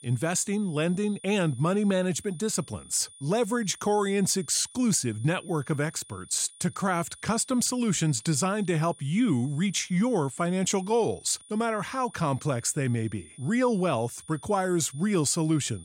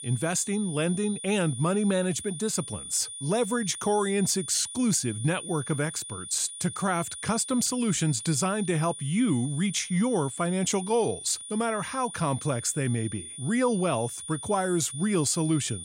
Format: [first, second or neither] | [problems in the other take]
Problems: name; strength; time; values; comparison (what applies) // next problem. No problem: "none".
first | high-pitched whine; loud; throughout; 9.5 kHz, 10 dB below the speech; faint in the first